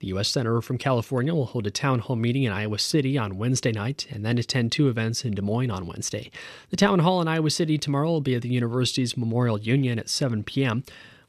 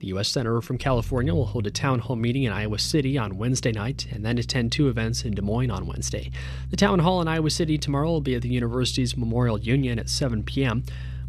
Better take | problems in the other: first | low rumble; faint; throughout; 20 dB below the speech

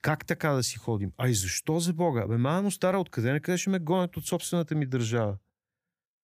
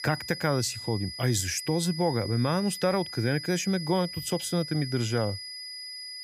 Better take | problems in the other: first | high-pitched whine; loud; throughout; 5 kHz, 9 dB below the speech

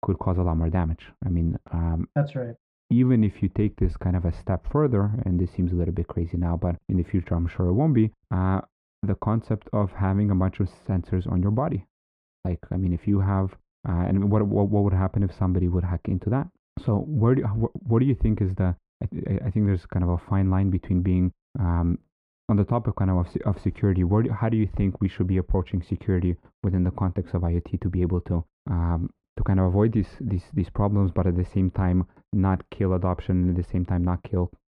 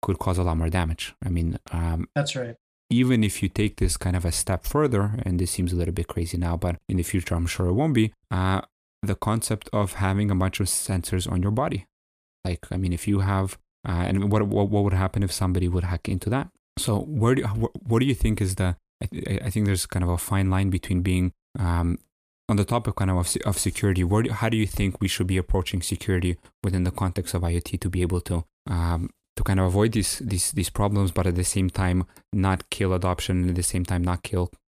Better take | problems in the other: second | muffled; very; fading above 1 kHz

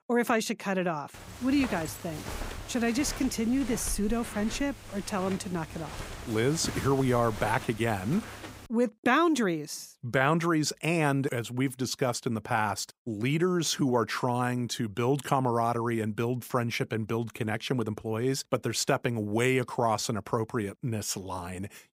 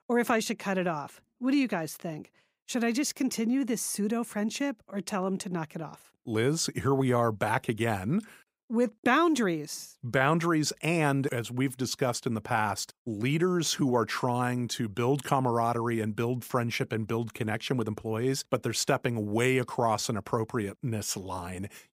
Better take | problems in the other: second | footsteps; noticeable; from 1 to 8.5 s; peak 8 dB below the speech

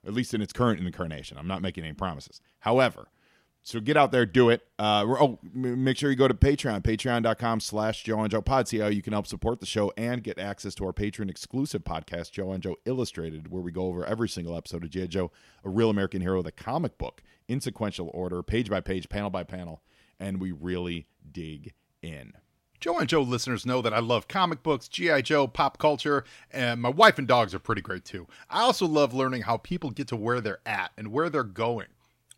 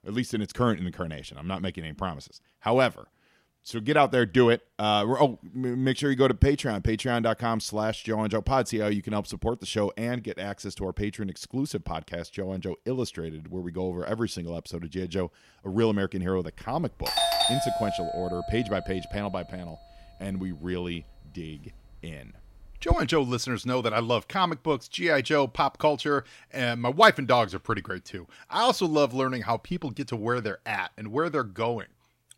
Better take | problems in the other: first | doorbell; loud; from 17 to 23 s; peak 5 dB above the speech

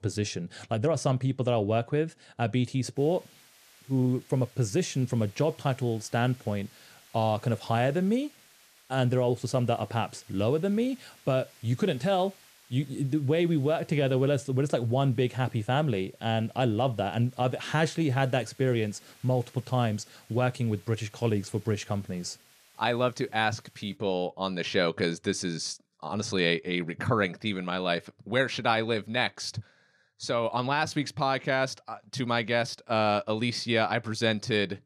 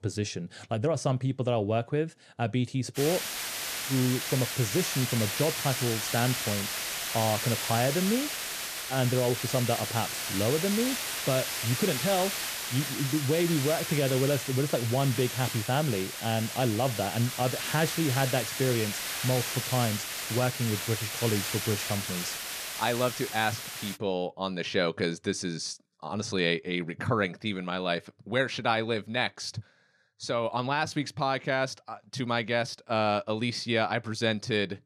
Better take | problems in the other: first | hiss; loud; from 3 to 24 s; 2 dB below the speech; faint in the first

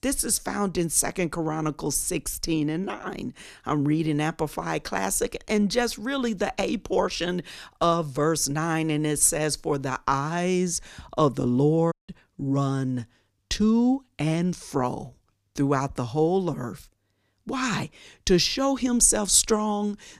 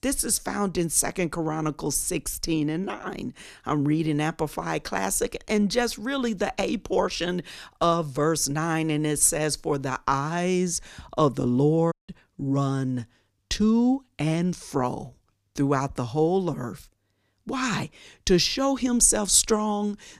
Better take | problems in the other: neither | audio cutting out; at 12 s; the same in both

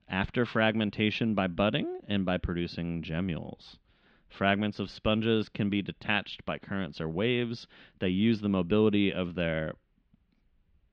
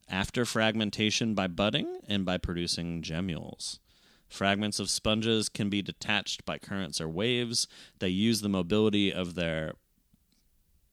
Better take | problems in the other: second | muffled; very; fading above 3 kHz

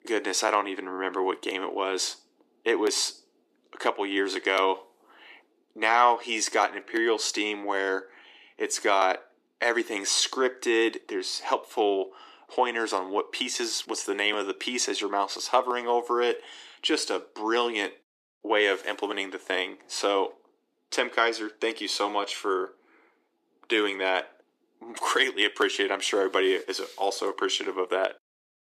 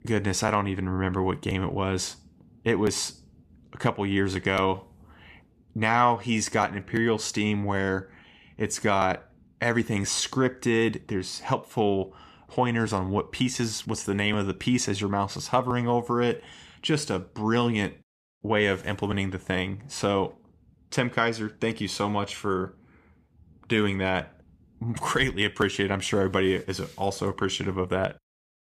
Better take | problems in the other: second | thin; somewhat; fading below 300 Hz

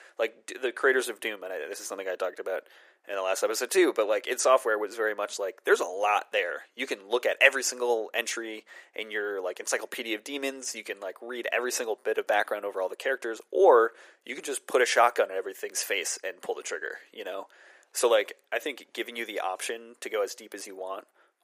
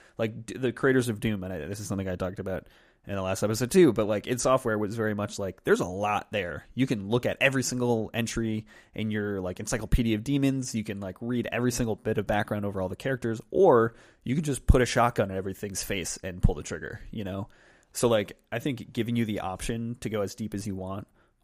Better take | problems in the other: second | thin; very; fading below 400 Hz

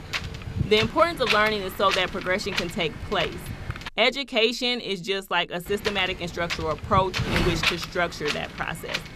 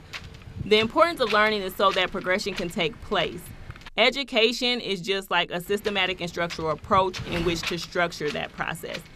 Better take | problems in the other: second | wind noise on the microphone; heavy; until 4 s and from 5.5 s on; 6 dB below the speech; occasional gusts in the second

